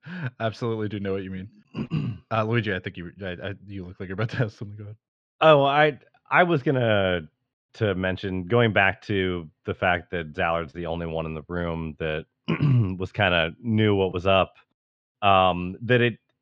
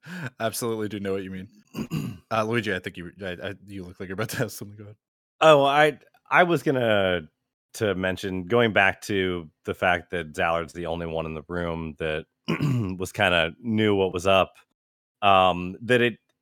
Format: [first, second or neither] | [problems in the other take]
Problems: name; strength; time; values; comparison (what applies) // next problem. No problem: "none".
second | muffled; slightly; fading above 4 kHz